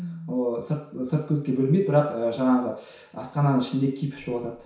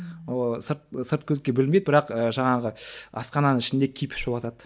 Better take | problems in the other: second | room echo; dies away in 0.6 s

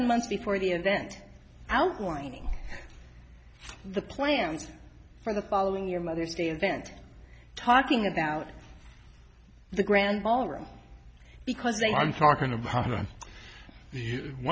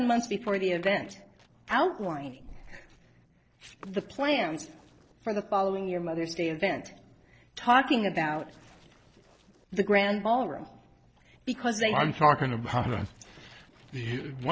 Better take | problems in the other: first | noise reduction (neural separator model SepFormer DNS4)

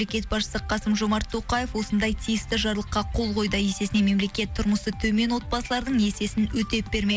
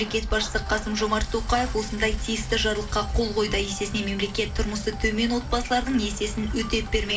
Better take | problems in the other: first | background sound (Idling / Engine starting); 16 dB below the speech // room echo; dies away in 0.2 s

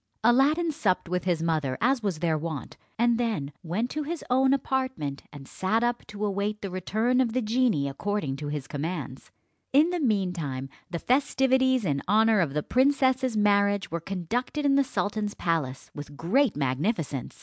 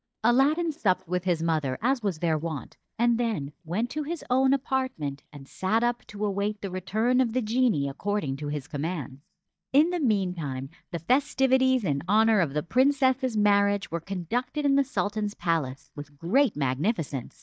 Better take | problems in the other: first | noise reduction (neural mask model DeepFilterNet 3)

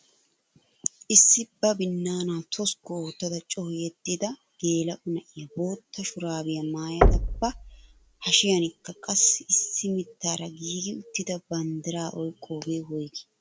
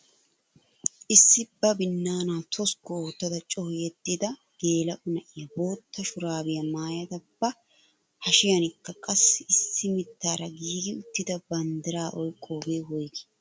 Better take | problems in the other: second | background sound (Knock); 1 dB above the speech

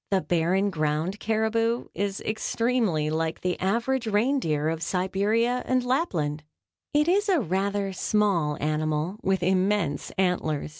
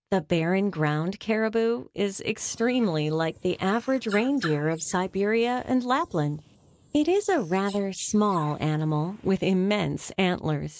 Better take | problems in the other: first | noise reduction (neural mask model Resemble Enhance denoiser)

